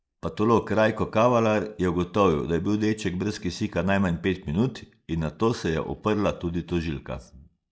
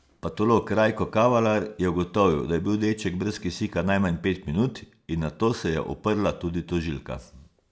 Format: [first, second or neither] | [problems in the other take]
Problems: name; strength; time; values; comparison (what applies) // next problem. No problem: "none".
second | noise reduction (neural mask model Resemble Enhance denoiser)